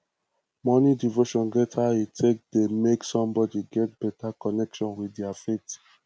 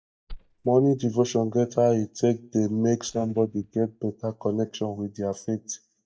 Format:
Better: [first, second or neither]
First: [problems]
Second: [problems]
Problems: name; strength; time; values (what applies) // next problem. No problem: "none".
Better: first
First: none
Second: noise reduction (neural mask model DeepFilterNet 3)